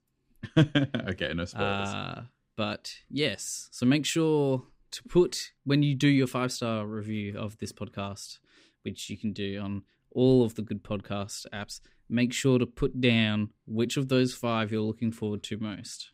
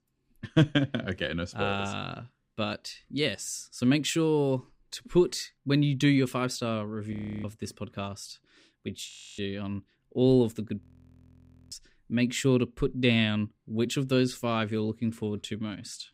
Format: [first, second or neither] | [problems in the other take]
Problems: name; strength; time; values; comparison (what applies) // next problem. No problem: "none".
first | audio freezing; at 7 s, at 9 s and at 11 s for 1 s